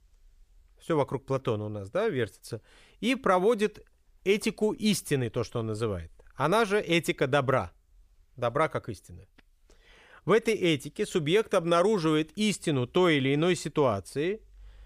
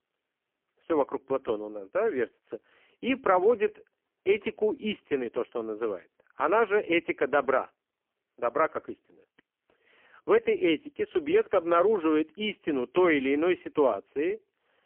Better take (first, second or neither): first